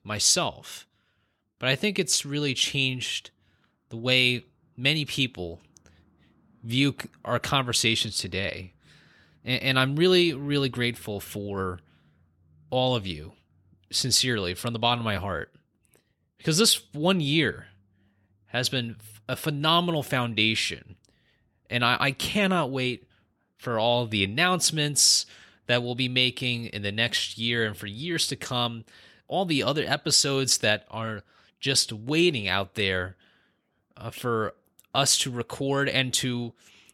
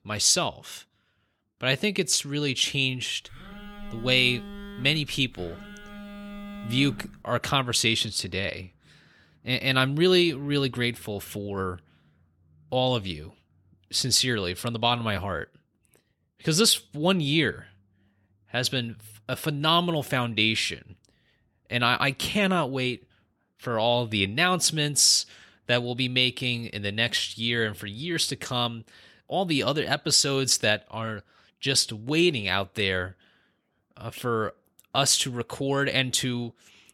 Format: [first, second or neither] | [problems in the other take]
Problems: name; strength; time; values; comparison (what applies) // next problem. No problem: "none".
first | phone ringing; faint; from 3.5 to 7 s; peak 15 dB below the speech